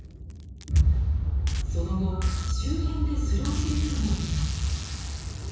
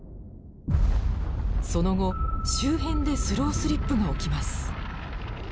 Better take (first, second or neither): second